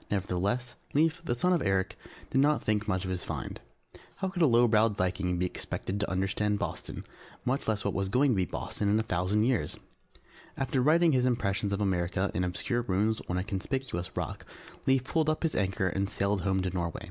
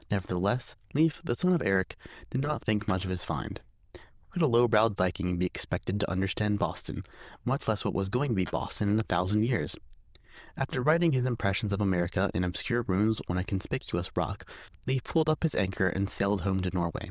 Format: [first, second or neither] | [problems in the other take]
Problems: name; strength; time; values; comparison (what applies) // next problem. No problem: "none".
first | noise reduction (neural diffusion model UNIVERSE++)